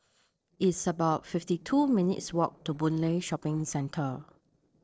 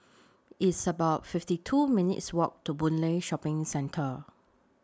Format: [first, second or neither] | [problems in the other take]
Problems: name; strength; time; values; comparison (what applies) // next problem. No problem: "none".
second | noise reduction (neural separator model SepFormer DNS4)